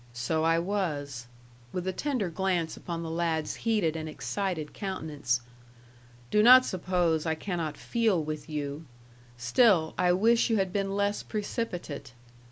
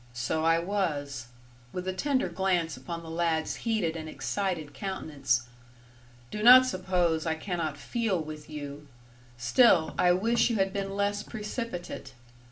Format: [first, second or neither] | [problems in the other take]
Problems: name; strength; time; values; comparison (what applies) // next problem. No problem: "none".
first | background sound (Tap); 16 dB below the speech // room echo; dies away in 0.3 s